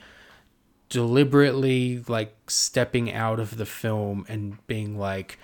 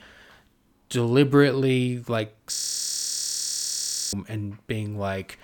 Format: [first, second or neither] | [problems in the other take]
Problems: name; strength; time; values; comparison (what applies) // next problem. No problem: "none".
first | audio freezing; at 2.5 s for 1.5 s